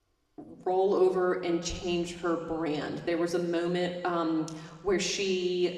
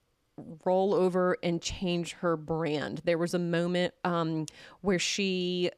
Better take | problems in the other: second | room echo; slight; dies away in 1.3 s // off-mic speech; somewhat distant

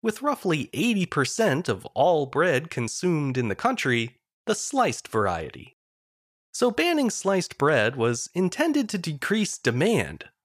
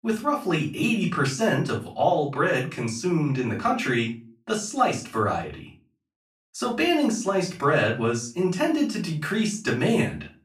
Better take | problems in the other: first | off-mic speech; far // room echo; slight; dies away in 0.3 s

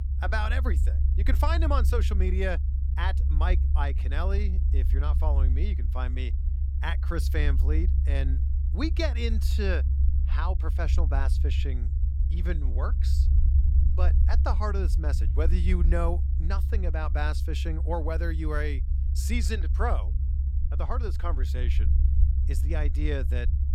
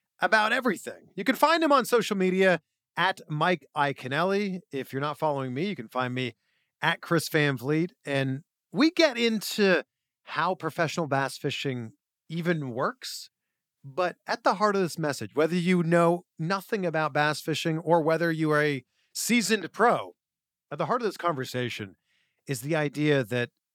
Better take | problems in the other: second | low rumble; noticeable; throughout; 10 dB below the speech

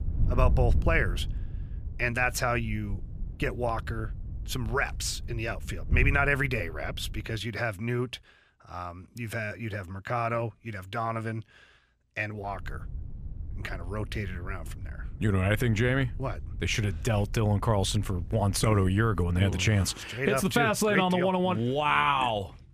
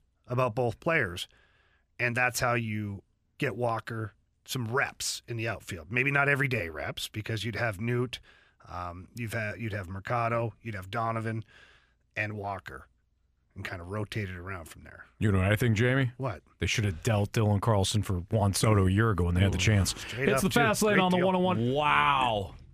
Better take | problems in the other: second | wind noise on the microphone; occasional gusts; until 7.5 s and from 12 to 19 s; 20 dB below the speech

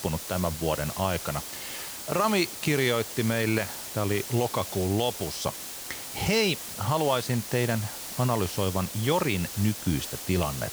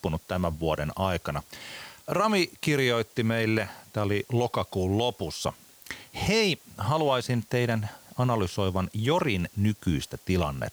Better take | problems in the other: second | hiss; loud; throughout; 7 dB below the speech; faint in the second

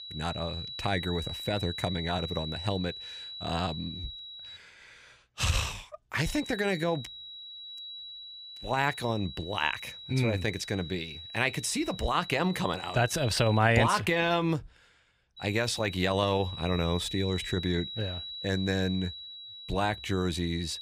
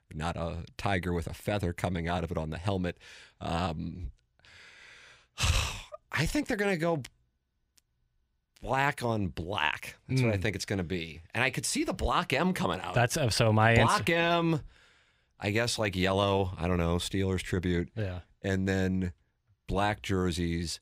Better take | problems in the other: second | high-pitched whine; loud; until 4.5 s, from 6.5 to 14 s and from 15 s on; 4 kHz, 9 dB below the speech

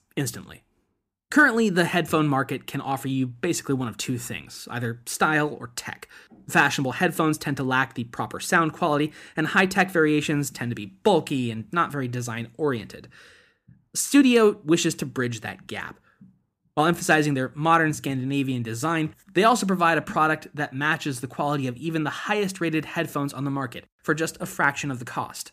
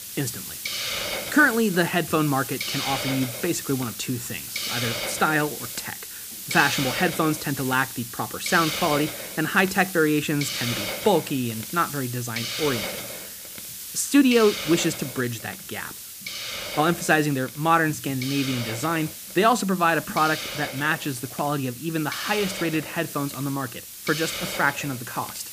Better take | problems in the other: first | hiss; loud; throughout; 6 dB below the speech

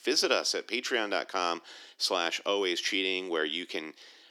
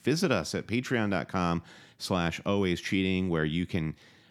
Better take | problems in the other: second | thin; very; fading below 350 Hz

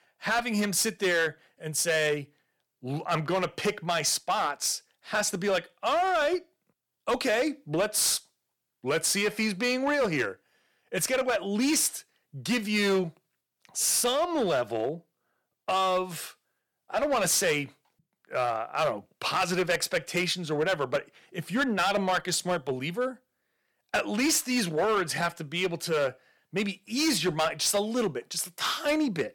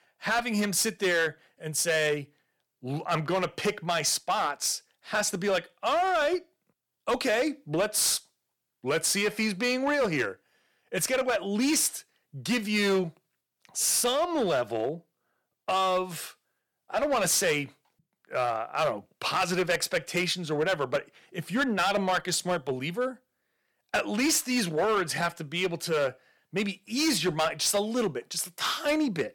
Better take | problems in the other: neither | distortion; slight; 7% of the sound clipped; the same in both

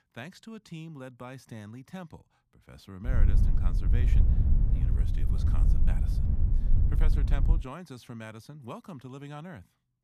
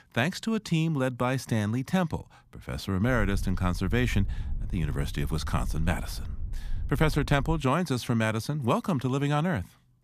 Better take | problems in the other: second | wind noise on the microphone; heavy; from 3 to 7.5 s; as loud as the speech; occasional gusts in the second

